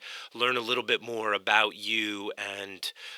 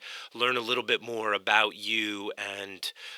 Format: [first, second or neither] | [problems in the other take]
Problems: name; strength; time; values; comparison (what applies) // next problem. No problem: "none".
neither | thin; very; fading below 600 Hz; the same in both